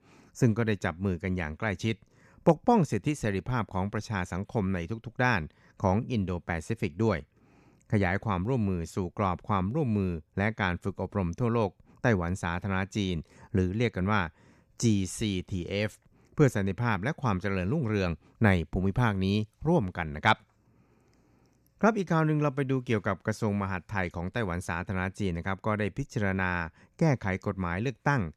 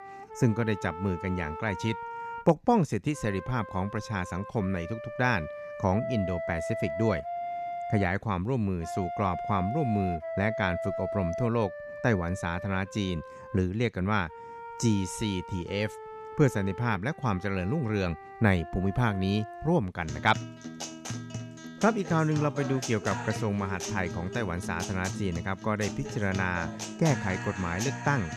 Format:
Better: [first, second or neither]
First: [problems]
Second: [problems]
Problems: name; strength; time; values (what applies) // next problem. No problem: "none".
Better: first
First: none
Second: background music; loud; throughout; 8 dB below the speech